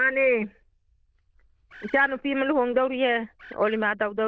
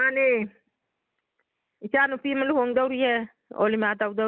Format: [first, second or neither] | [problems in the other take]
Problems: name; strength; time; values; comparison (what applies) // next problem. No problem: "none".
second | noise reduction (neural diffusion model UNIVERSE++)